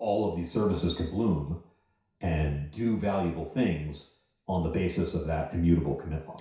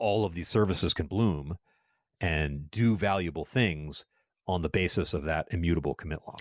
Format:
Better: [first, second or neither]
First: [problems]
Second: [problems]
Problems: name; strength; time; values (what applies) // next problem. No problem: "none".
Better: second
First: room echo; dies away in 0.6 s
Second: none